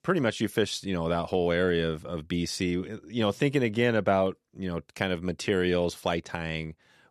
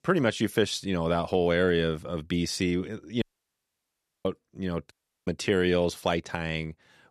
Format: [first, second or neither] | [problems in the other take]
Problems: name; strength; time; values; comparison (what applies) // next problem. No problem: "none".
first | audio cutting out; at 3 s for 1 s and at 5 s